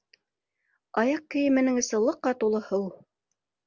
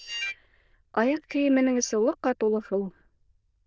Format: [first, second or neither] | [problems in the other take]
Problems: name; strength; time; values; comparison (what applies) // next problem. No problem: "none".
first | noise reduction (neural diffusion model UNIVERSE++)